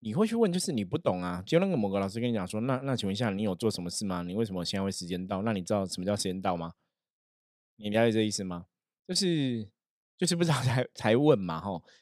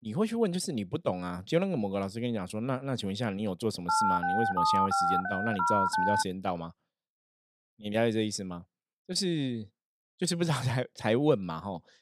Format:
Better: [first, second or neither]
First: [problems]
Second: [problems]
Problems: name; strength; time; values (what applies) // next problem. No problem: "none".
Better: first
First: none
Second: phone ringing; loud; from 4 to 6 s; peak 6 dB above the speech